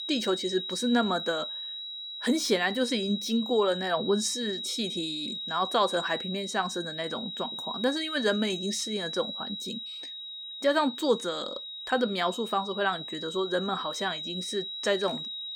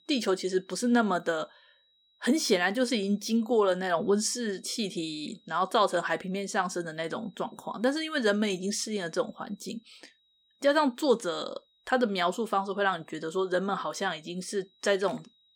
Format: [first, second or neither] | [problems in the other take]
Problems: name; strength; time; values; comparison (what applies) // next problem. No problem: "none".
second | high-pitched whine; loud; throughout; 4 kHz, 5 dB below the speech; faint in the second